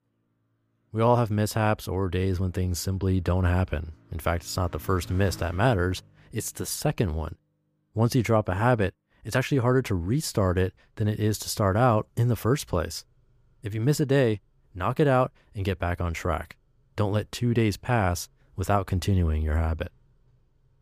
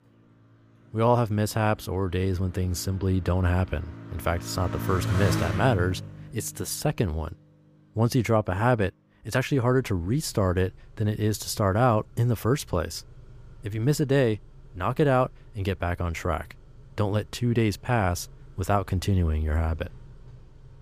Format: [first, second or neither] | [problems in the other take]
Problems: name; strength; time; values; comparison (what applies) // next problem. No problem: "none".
first | traffic noise; loud; throughout; 10 dB below the speech; faint in the first